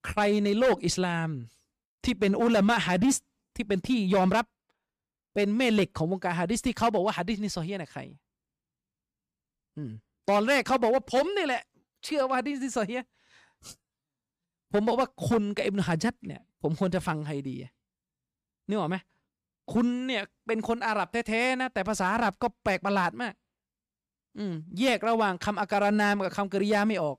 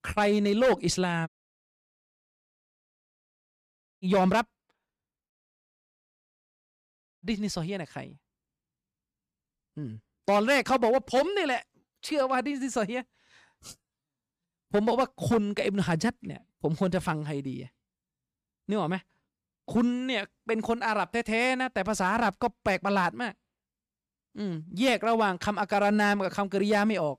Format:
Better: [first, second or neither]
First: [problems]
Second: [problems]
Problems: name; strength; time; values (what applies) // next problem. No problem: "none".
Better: first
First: none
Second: audio cutting out; at 1.5 s for 2.5 s and at 5.5 s for 2 s